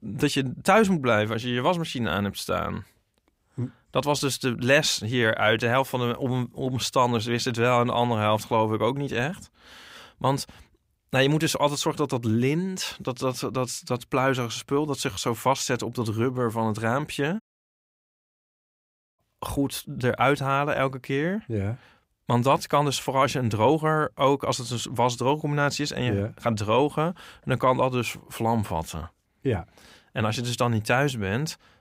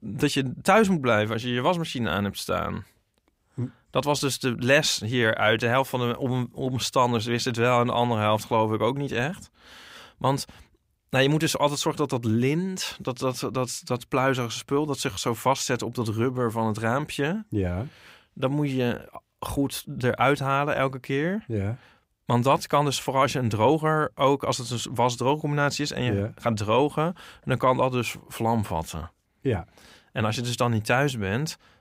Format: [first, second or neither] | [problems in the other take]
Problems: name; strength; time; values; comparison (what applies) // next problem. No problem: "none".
second | audio cutting out; at 17 s for 2 s